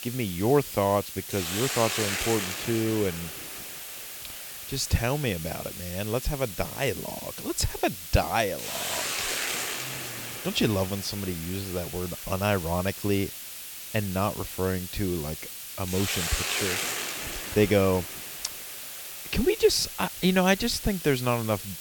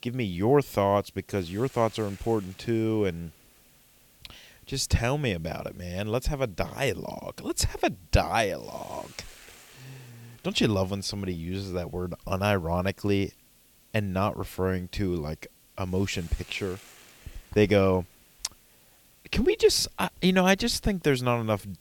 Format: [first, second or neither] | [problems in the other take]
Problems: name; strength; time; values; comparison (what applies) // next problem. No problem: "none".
second | hiss; loud; throughout; 5 dB below the speech; faint in the second